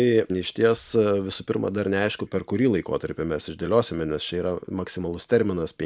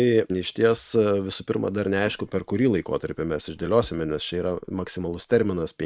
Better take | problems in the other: first | noise reduction (neural mask model RNNoise)

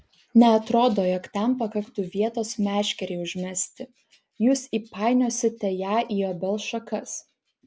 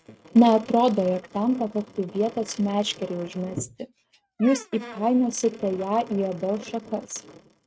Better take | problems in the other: first | noise reduction (neural mask model RNNoise)

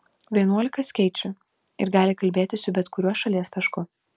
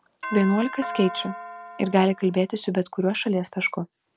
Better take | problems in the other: first | background sound (Doorbell); 11 dB below the speech

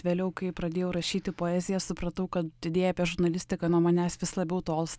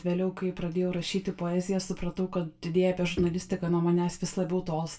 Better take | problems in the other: first | background sound (Bowed string instrument); 15 dB below the speech // room echo; dies away in 0.2 s

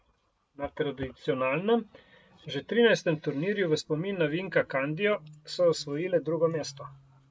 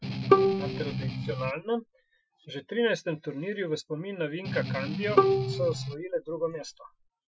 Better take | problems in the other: first | noise reduction (classical method Wiener filter)

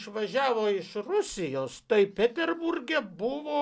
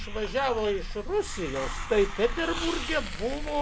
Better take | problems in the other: first | background sound (Hiss); 5 dB below the speech

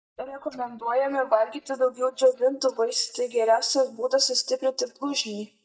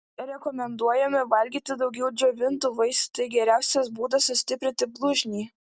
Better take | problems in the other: second | noise reduction (neural mask model DeepFilterNet 3)

